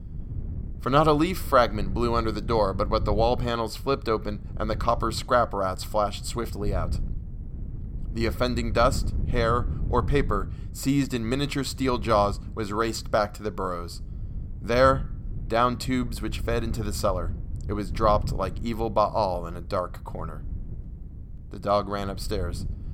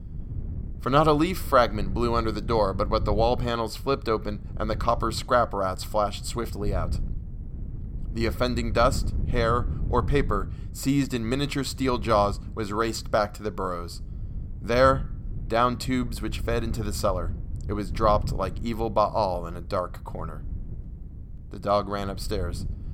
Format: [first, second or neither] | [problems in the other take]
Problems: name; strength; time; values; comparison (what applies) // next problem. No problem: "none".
neither | wind noise on the microphone; occasional gusts; 25 dB below the speech; the same in both